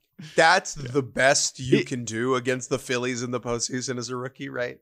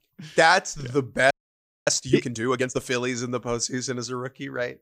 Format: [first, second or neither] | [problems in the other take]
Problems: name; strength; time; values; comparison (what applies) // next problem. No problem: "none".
first | audio freezing; at 1.5 s for 0.5 s